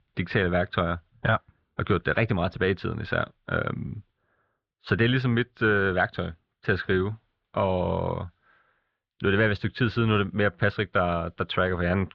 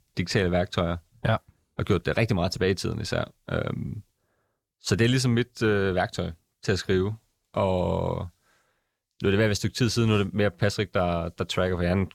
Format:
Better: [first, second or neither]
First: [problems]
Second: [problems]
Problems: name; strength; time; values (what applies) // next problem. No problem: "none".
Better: second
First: muffled; very; fading above 3.5 kHz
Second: none